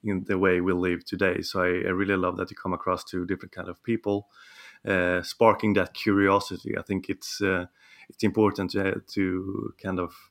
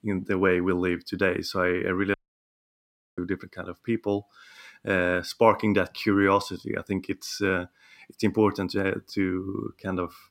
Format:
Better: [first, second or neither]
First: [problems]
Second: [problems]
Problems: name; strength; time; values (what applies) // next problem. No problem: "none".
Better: first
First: none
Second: audio cutting out; at 2 s for 1 s